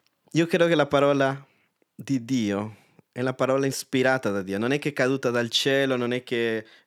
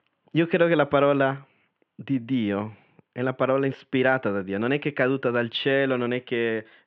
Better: first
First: none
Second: muffled; very; fading above 3 kHz

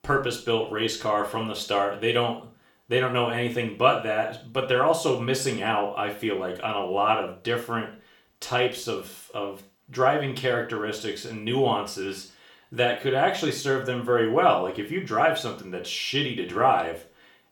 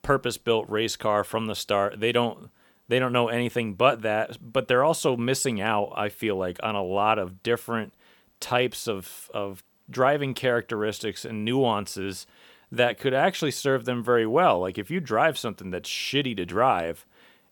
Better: second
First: room echo; slight; dies away in 0.4 s // off-mic speech; somewhat distant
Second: none

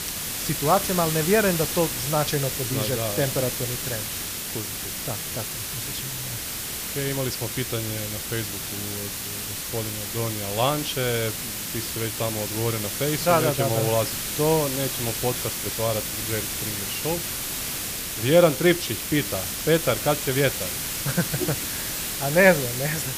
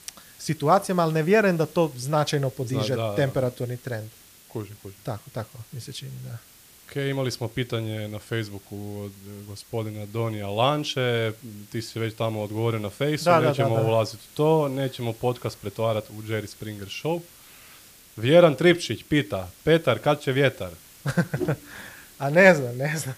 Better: second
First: hiss; loud; throughout; 2 dB below the speech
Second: hiss; faint; throughout; 25 dB below the speech

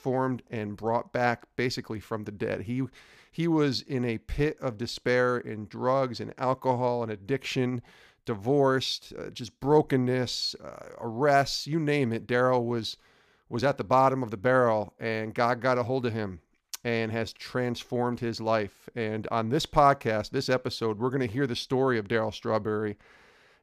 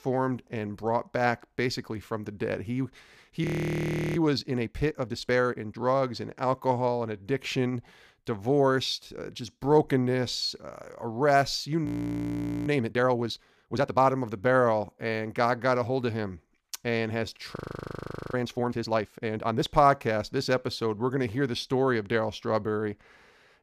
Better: first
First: none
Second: audio freezing; at 3.5 s for 0.5 s, at 12 s for 1 s and at 18 s for 1 s

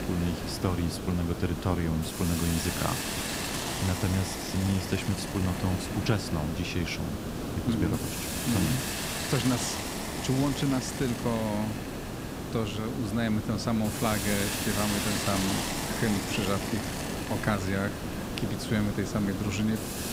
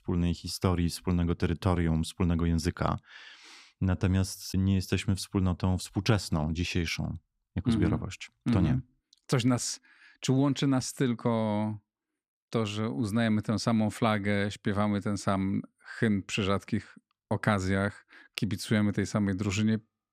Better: second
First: hiss; loud; throughout; 2 dB below the speech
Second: none

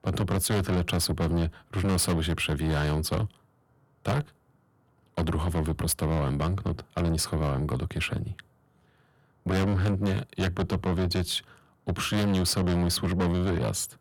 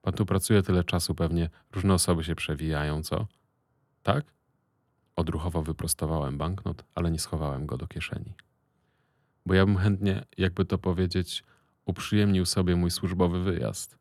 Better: second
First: distortion; heavy; 6 dB below the speech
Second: none

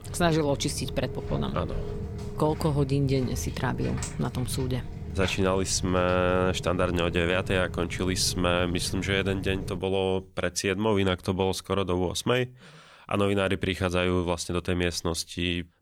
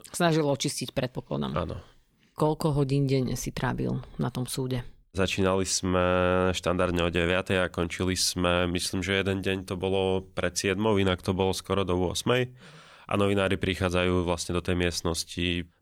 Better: second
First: footsteps; noticeable; until 10 s; peak 7 dB below the speech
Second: none

